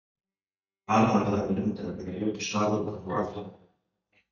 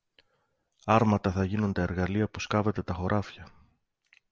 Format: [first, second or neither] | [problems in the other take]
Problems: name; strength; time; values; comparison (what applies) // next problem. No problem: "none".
second | noise reduction (neural mask model DeepFilterNet 3)